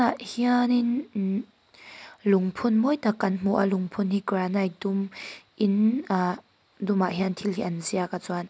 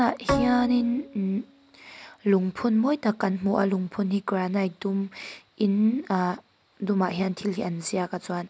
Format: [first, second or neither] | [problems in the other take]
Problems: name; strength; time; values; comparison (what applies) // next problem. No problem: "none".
first | background sound (Bowed string instrument); 8 dB below the speech